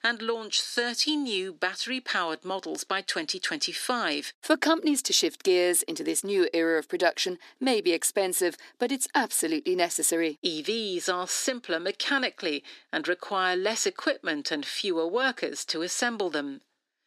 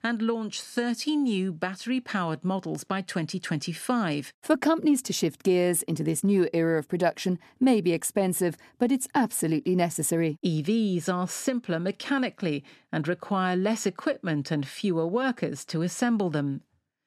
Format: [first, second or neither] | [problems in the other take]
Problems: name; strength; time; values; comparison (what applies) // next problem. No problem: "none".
second | thin; somewhat; fading below 350 Hz